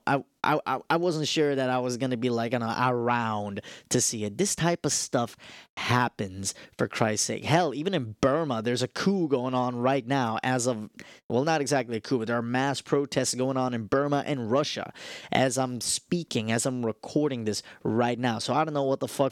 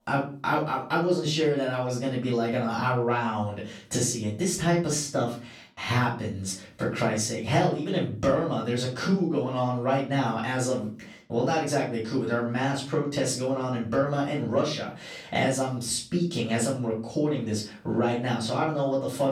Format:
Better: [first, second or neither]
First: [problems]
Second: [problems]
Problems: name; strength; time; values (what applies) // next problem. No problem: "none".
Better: first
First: none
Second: off-mic speech; far // room echo; slight; dies away in 0.3 s